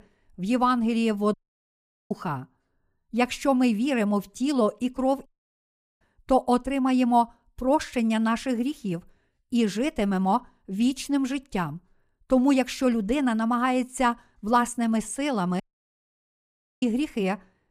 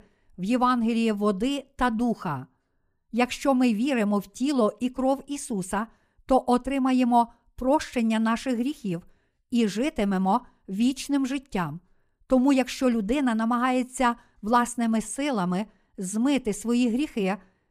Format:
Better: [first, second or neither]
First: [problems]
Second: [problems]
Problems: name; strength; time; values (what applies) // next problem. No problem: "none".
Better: second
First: audio cutting out; at 1.5 s for 1 s, at 5.5 s for 1 s and at 16 s for 1 s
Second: none